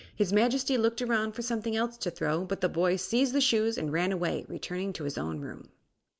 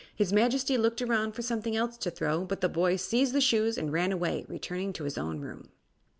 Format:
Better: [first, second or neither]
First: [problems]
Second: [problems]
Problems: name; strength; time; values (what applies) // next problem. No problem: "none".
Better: second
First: noise reduction (neural mask model Resemble Enhance denoiser)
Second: none